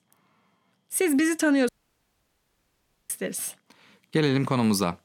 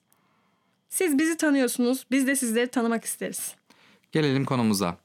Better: second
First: audio cutting out; at 1.5 s for 1.5 s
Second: none

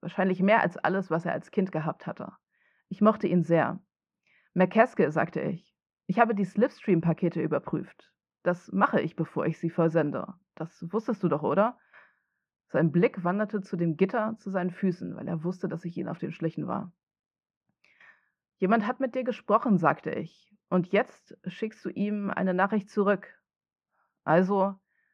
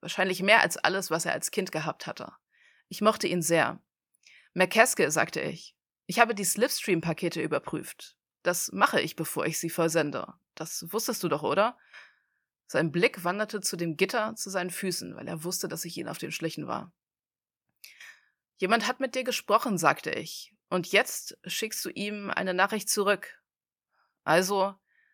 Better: second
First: muffled; very; fading above 1.5 kHz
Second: none

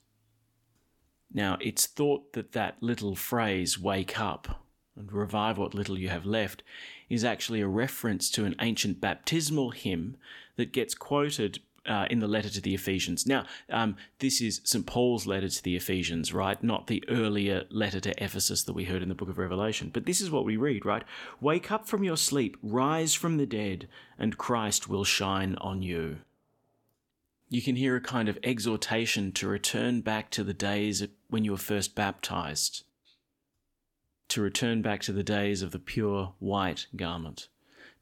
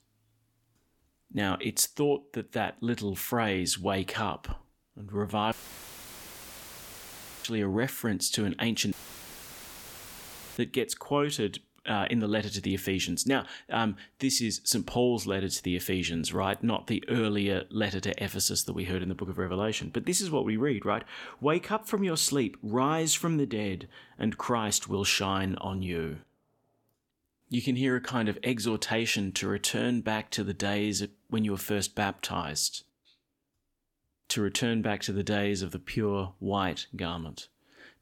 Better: first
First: none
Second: audio cutting out; filled with static; at 5.5 s for 2 s and at 9 s for 1.5 s

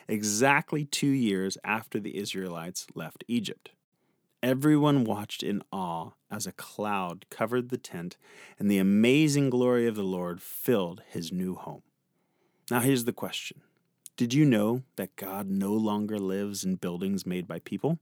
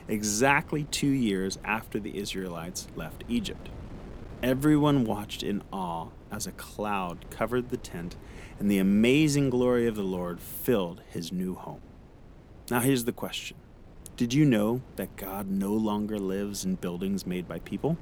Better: first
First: none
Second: wind noise on the microphone; occasional gusts; 20 dB below the speech

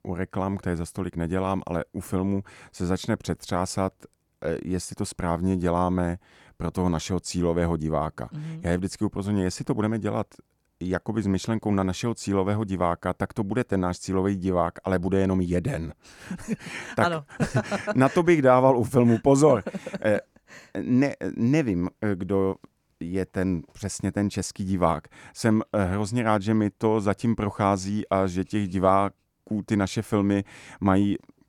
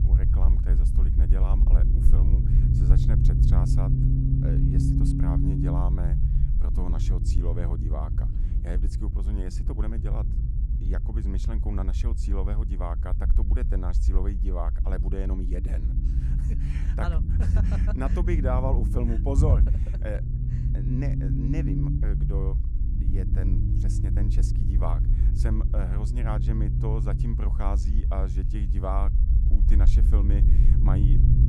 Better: first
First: none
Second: low rumble; loud; throughout; 2 dB below the speech

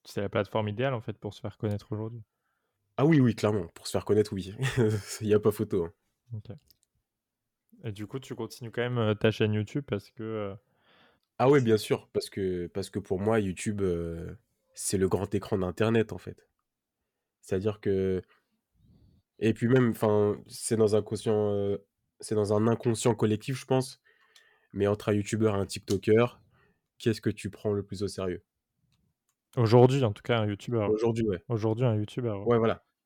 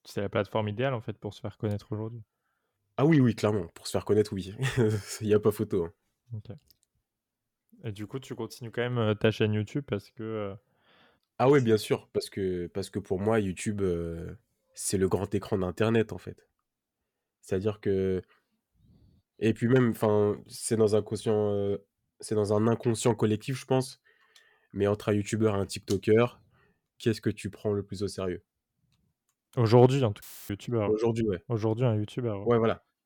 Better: first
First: none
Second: audio cutting out; filled with static; at 30 s

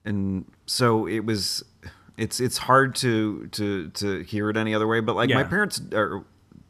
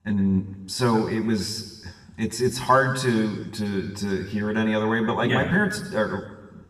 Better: first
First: none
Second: room echo; slight; dies away in 1.1 s // off-mic speech; somewhat distant

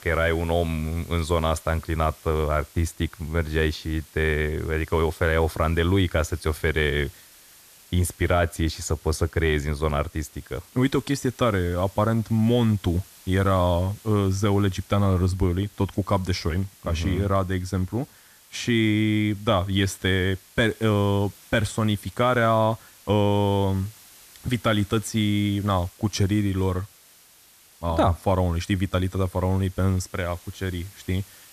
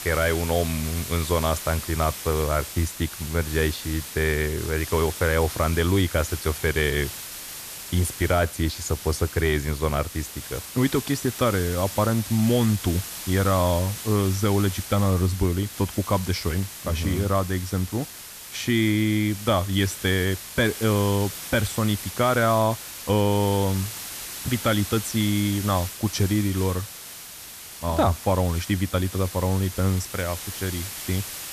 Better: first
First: hiss; faint; throughout; 25 dB below the speech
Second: hiss; loud; throughout; 9 dB below the speech

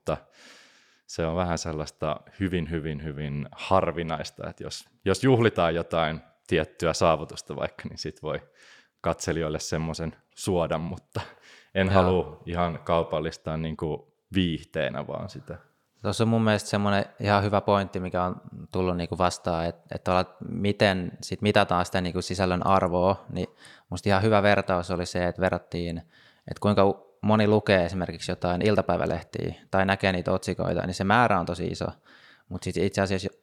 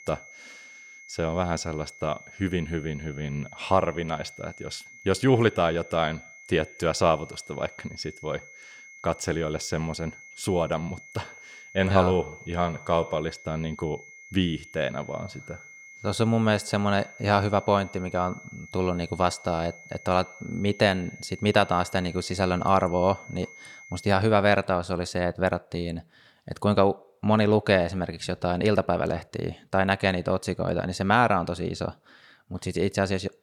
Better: first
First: none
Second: high-pitched whine; noticeable; until 24 s; 2 kHz, 20 dB below the speech

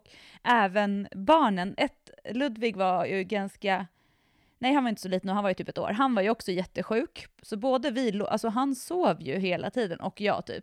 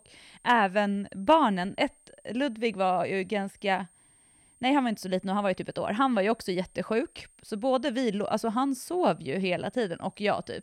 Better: first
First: none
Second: high-pitched whine; faint; throughout; 8.5 kHz, 30 dB below the speech

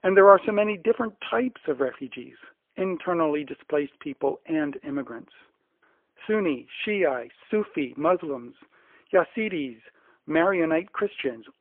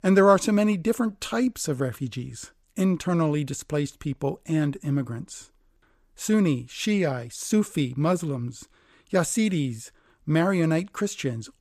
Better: second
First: phone-call audio; poor line; nothing above 3.5 kHz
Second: none

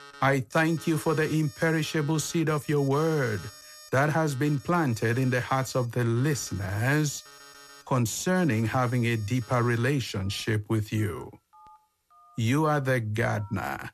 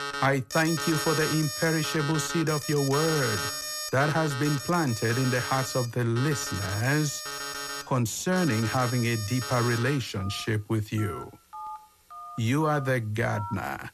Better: first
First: alarms or sirens; faint; throughout; 20 dB below the speech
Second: alarms or sirens; loud; throughout; 6 dB below the speech

